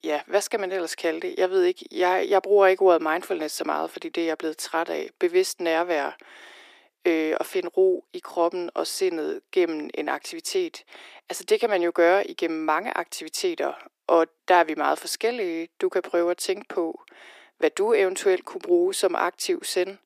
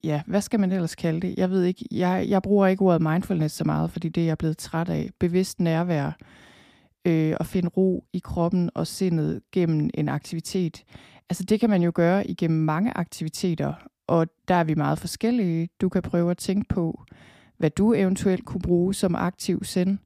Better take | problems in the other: second | thin; very; fading below 350 Hz

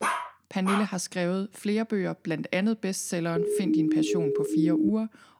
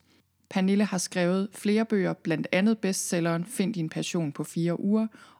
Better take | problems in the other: second | dog barking; loud; at the start; peak level with the speech // siren; loud; from 3.5 to 5 s; peak 5 dB above the speech

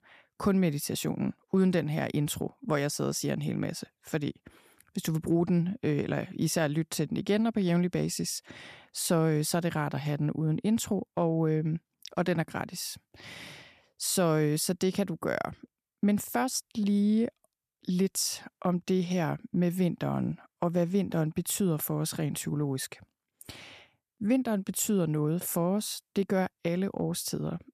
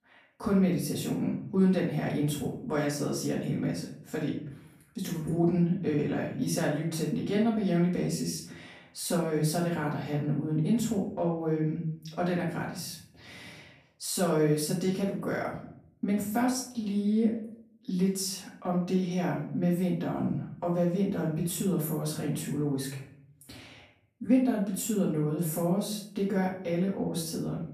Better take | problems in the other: first | off-mic speech; far // room echo; noticeable; dies away in 0.5 s

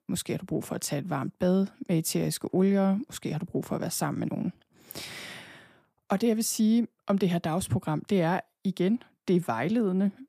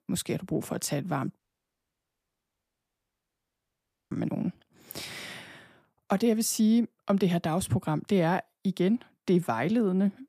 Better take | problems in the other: first | audio cutting out; at 1.5 s for 2.5 s

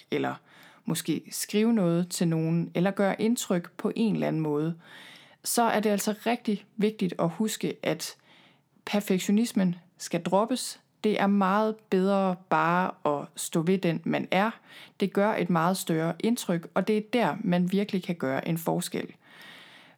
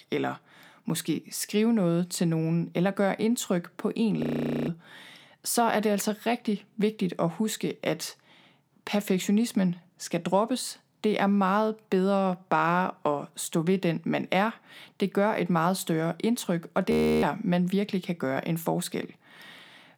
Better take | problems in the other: first | audio freezing; at 4 s and at 17 s

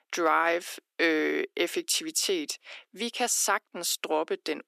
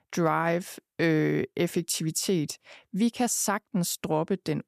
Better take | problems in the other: second | thin; very; fading below 300 Hz

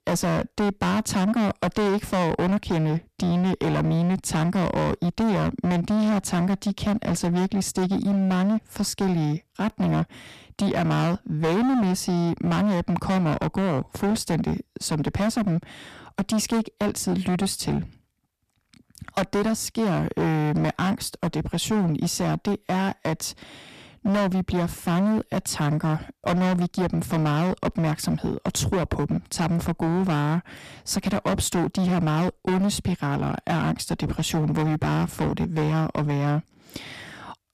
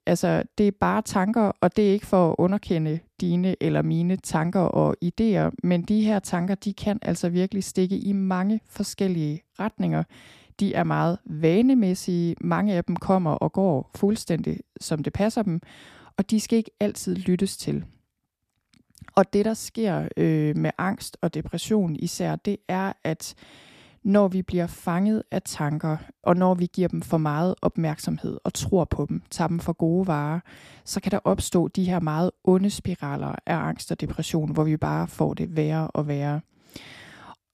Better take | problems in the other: second | distortion; heavy; 23% of the sound clipped

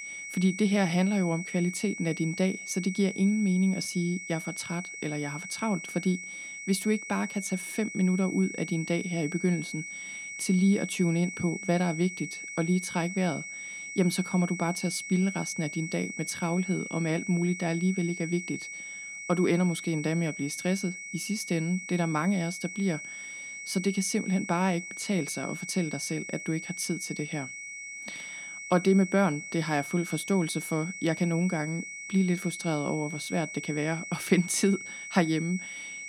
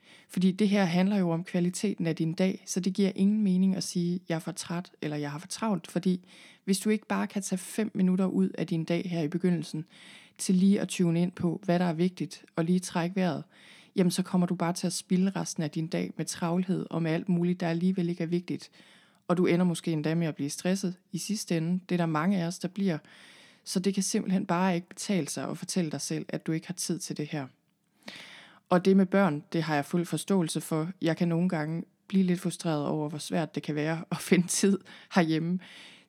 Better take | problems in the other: second | high-pitched whine; loud; throughout; 2 kHz, 9 dB below the speech

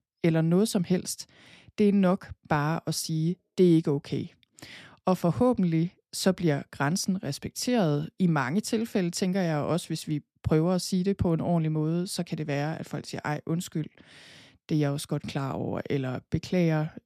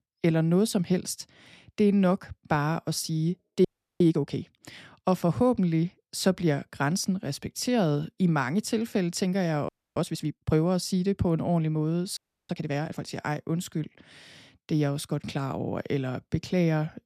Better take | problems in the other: first | audio freezing; at 3.5 s, at 9.5 s and at 12 s

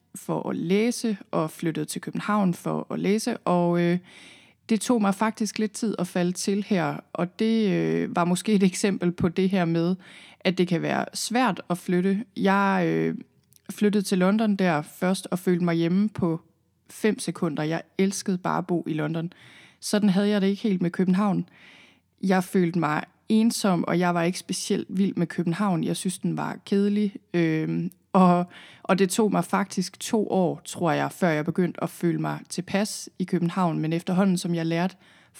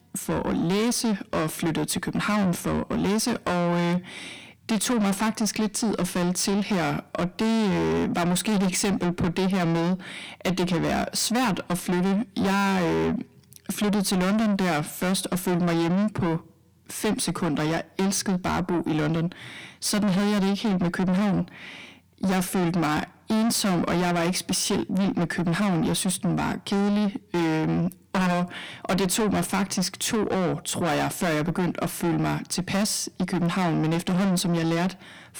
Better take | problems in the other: first | distortion; heavy; 5 dB below the speech

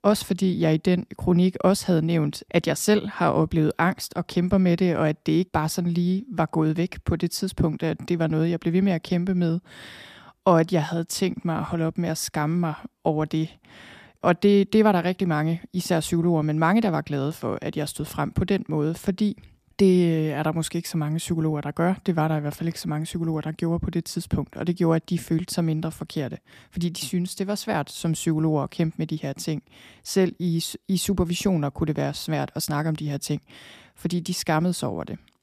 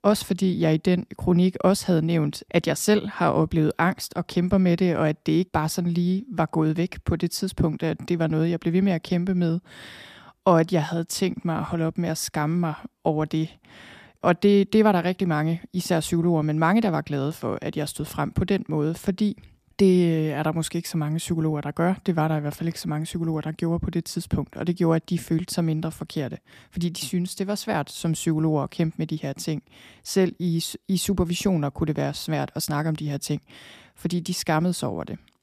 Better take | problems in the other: neither | none

